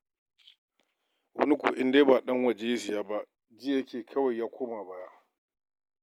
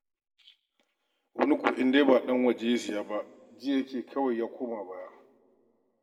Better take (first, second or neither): first